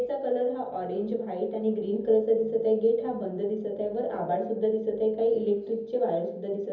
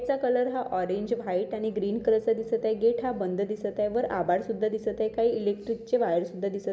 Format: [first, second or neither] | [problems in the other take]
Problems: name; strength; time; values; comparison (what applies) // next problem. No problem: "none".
second | room echo; dies away in 0.7 s